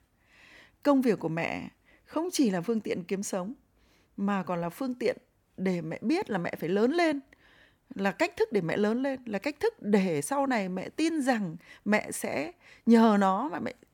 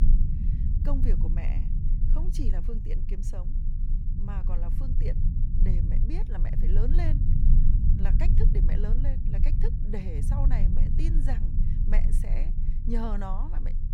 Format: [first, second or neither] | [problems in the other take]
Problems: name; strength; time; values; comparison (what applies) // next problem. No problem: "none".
first | low rumble; loud; throughout; 2 dB below the speech